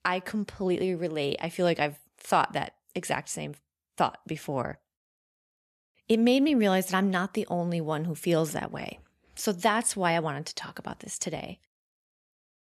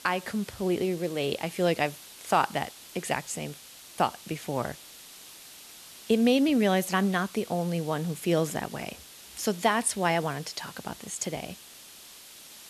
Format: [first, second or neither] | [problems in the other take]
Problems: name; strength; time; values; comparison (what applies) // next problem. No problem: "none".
first | hiss; noticeable; throughout; 15 dB below the speech